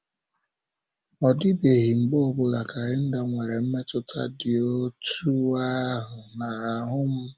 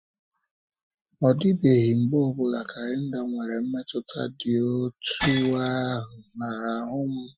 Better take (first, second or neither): first